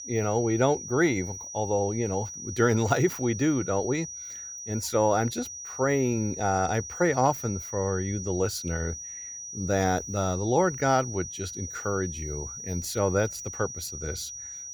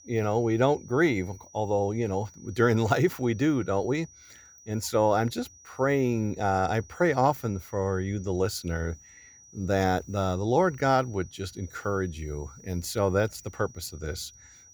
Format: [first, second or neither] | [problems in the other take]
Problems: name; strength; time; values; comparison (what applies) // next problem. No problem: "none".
second | high-pitched whine; loud; throughout; 6 kHz, 9 dB below the speech; faint in the second